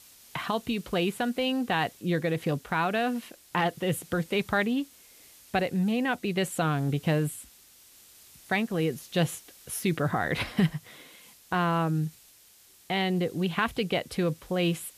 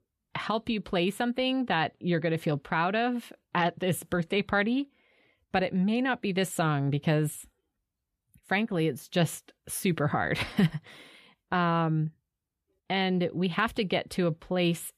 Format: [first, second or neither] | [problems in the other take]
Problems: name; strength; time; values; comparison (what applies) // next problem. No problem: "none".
second | hiss; faint; throughout; 25 dB below the speech